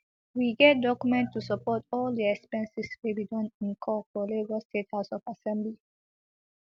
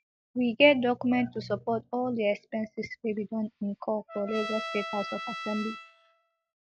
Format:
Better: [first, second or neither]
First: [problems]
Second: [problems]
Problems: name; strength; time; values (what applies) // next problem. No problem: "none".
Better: first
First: none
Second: noise reduction (classical method log-MMSE)